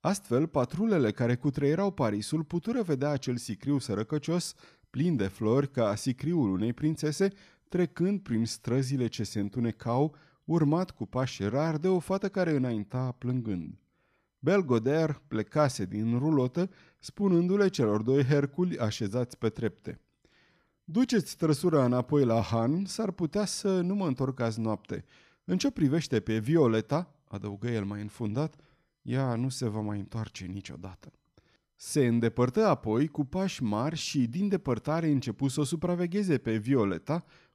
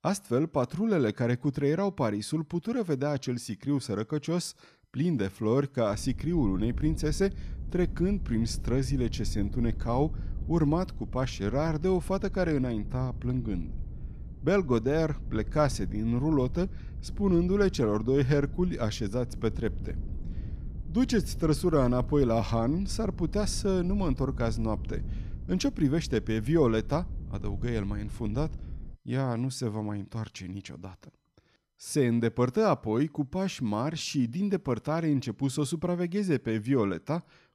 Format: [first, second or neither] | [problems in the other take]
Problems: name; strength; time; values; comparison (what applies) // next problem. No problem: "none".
first | low rumble; faint; from 6 to 29 s; 20 dB below the speech